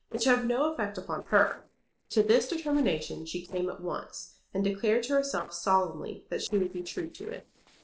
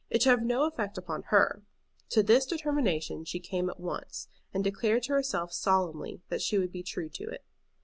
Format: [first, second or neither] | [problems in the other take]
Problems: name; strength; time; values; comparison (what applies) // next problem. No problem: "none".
second | noise reduction (neural separator model SepFormer DNS4)